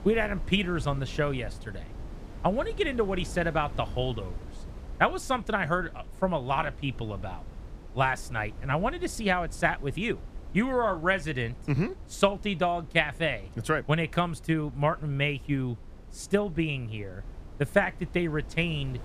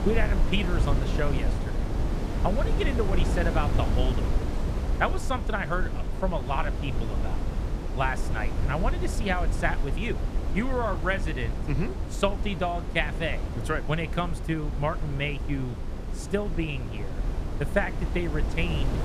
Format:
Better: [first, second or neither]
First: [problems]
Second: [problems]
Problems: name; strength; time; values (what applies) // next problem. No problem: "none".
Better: first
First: wind noise on the microphone; occasional gusts; 25 dB below the speech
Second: wind noise on the microphone; heavy; 8 dB below the speech